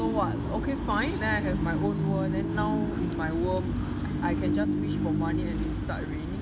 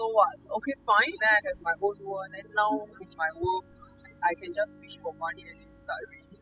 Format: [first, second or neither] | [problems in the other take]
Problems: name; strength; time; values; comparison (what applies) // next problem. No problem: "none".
first | noise reduction (classical method spectral subtraction)